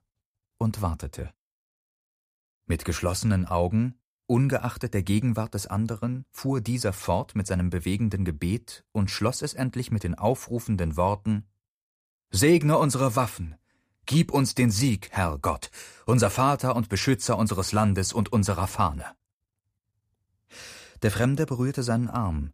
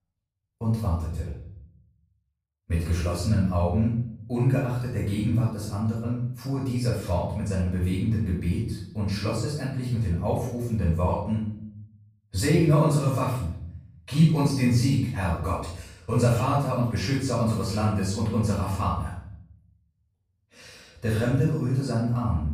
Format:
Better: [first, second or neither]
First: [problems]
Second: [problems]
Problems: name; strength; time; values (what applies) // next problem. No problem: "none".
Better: first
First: none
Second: off-mic speech; far // room echo; noticeable; dies away in 0.7 s